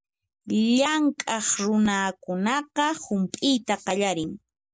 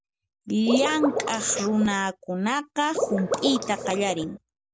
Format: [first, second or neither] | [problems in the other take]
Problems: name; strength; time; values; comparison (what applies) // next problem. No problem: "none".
first | background sound (Water / Liquid); 4 dB below the speech